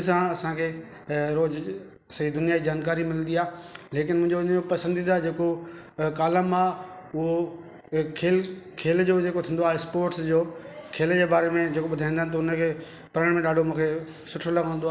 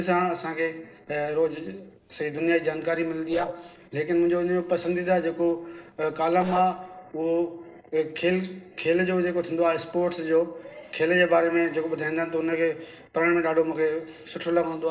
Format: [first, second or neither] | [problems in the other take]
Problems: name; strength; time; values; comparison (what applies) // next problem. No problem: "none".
first | noise reduction (neural separator model SepFormer DNS4)